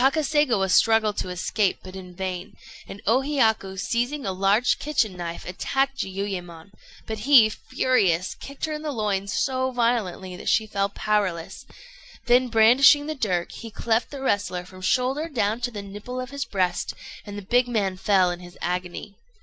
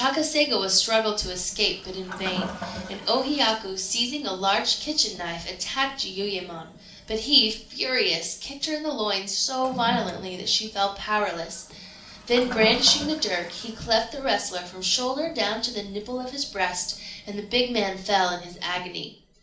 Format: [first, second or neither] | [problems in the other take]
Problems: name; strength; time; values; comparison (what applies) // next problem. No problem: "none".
first | background sound (Toilet flush); 15 dB below the speech // room echo; dies away in 0.4 s